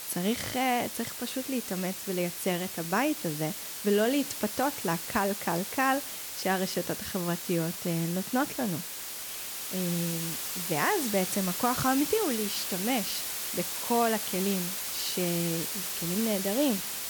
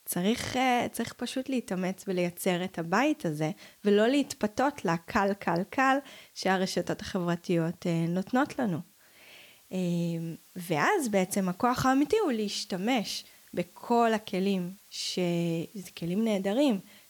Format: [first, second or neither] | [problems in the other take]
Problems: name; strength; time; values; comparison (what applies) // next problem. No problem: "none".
second | hiss; loud; throughout; 3 dB below the speech; faint in the second